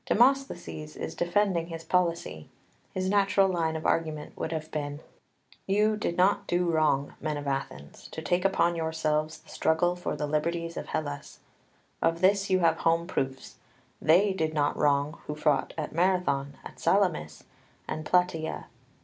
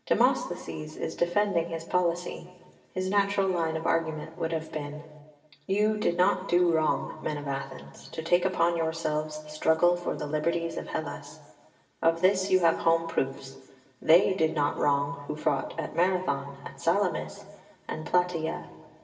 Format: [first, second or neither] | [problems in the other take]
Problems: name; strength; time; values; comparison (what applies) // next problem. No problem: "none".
first | room echo; dies away in 1.3 s